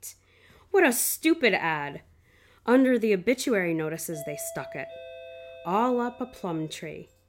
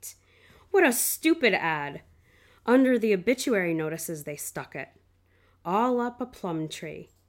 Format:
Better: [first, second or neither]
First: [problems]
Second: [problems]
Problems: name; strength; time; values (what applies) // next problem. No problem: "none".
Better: second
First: doorbell; faint; from 4 to 6.5 s; peak 15 dB below the speech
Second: none